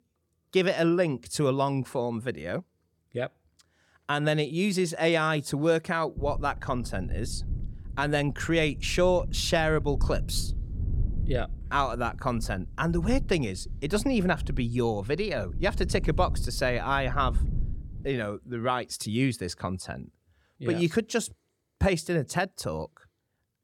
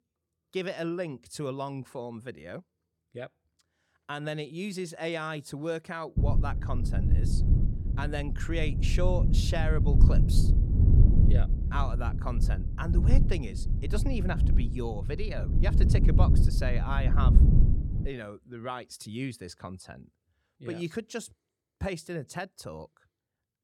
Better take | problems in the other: first | low rumble; loud; from 6 to 18 s; 4 dB below the speech; faint in the first

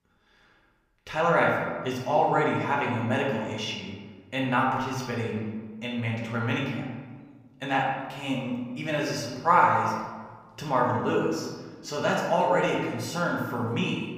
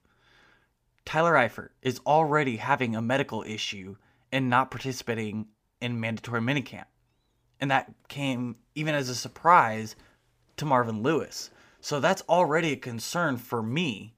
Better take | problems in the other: second | room echo; noticeable; dies away in 1.3 s // off-mic speech; somewhat distant

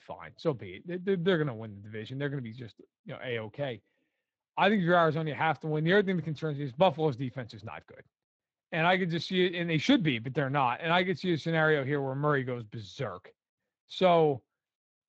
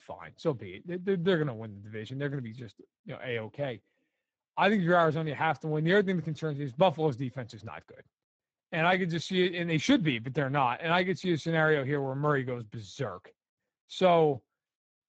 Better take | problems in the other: first | garbled, watery; badly; nothing above 7.5 kHz; slightly in the first

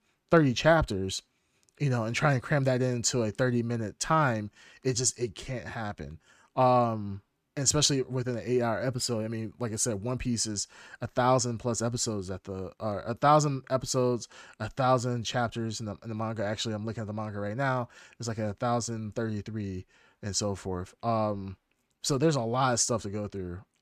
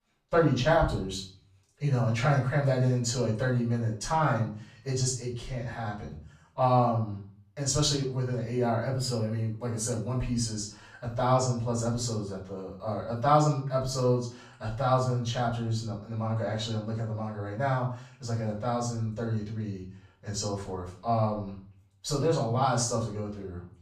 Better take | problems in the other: first | off-mic speech; far // room echo; slight; dies away in 0.4 s

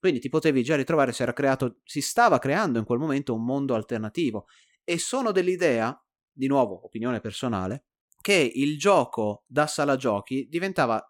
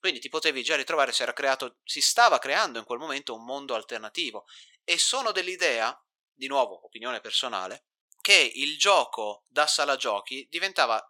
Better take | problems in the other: first | thin; very; fading below 750 Hz

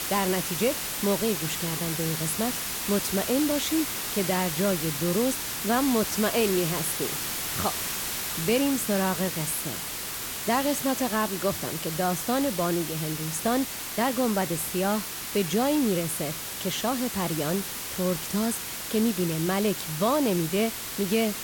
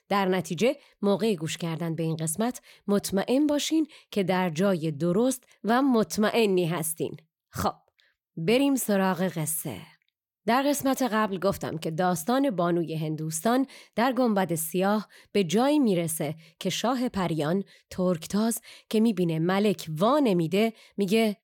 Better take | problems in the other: second | hiss; loud; throughout; 3 dB below the speech

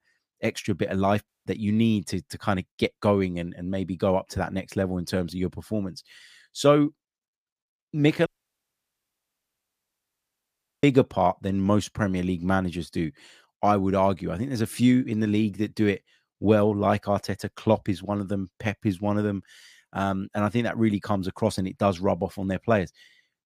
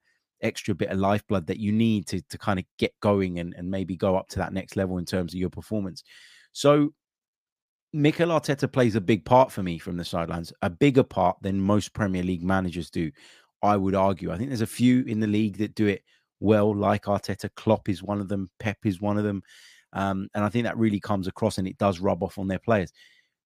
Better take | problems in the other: second | audio cutting out; at 1.5 s and at 8.5 s for 2.5 s

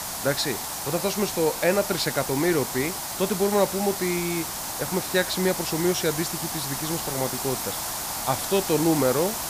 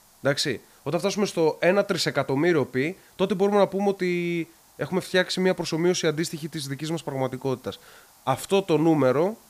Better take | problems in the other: second | hiss; loud; throughout; 3 dB below the speech; faint in the second

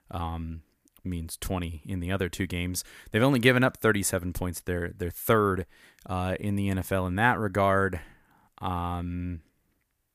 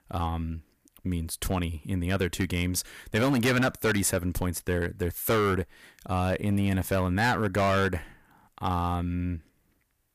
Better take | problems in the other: first | distortion; heavy; 7% of the sound clipped

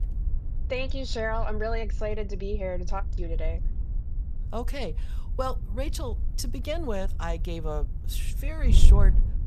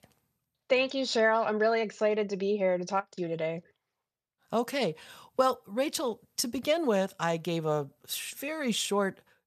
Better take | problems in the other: second | wind noise on the microphone; occasional gusts; 15 dB below the speech

